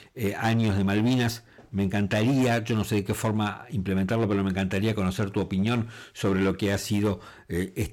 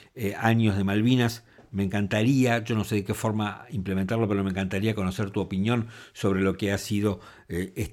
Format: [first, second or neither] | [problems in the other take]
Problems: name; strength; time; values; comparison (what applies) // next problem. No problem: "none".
second | distortion; slight; 10% of the sound clipped